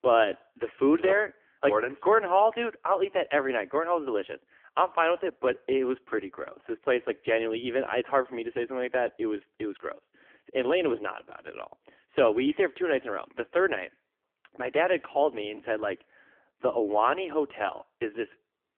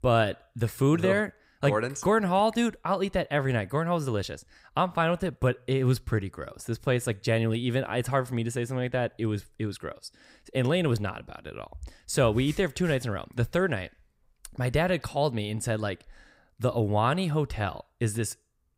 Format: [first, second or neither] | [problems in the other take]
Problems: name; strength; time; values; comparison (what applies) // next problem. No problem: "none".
second | phone-call audio; poor line; nothing above 3.5 kHz